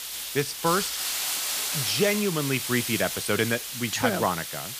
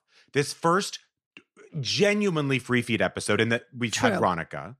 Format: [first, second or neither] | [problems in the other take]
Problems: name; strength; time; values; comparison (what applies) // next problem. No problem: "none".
second | hiss; loud; throughout; 2 dB below the speech